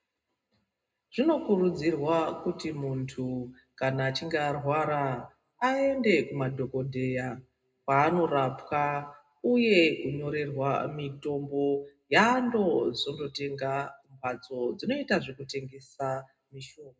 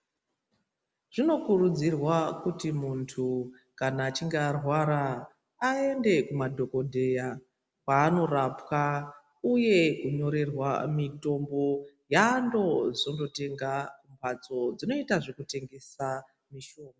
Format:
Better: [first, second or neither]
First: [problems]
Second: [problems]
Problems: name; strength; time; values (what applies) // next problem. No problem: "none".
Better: second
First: room echo; dies away in 0.2 s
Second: none